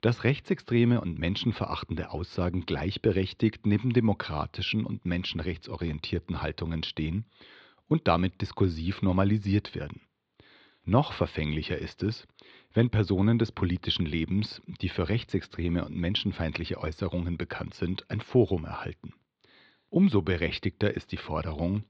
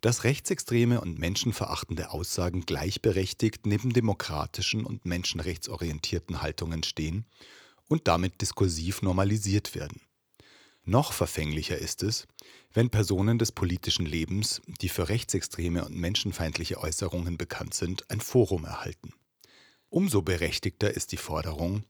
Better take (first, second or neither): second